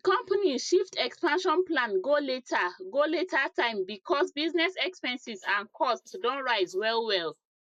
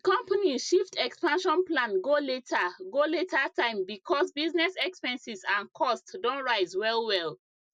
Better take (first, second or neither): second